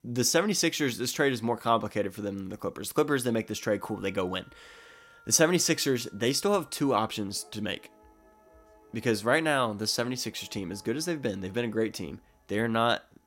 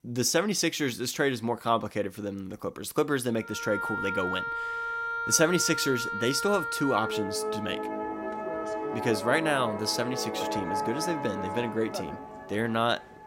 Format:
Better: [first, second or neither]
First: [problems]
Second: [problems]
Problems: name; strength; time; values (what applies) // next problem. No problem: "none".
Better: first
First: background music; faint; from 3.5 s on; 30 dB below the speech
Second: background music; loud; from 3.5 s on; 4 dB below the speech